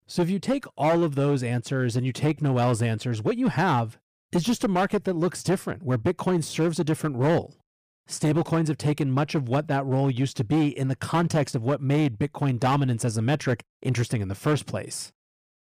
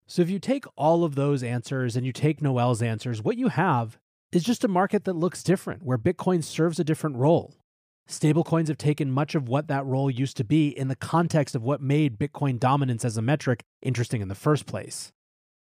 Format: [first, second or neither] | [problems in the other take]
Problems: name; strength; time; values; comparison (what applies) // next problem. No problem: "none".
second | distortion; slight; 9% of the sound clipped